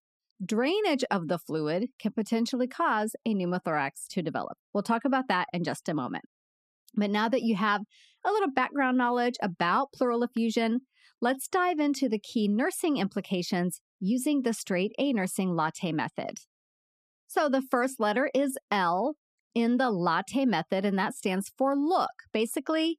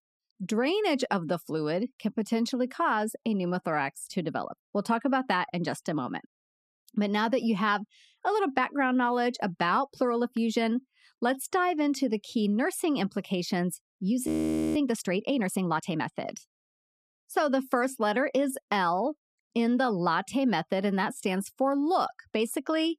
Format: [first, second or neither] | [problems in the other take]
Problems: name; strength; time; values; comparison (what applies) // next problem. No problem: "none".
first | audio freezing; at 14 s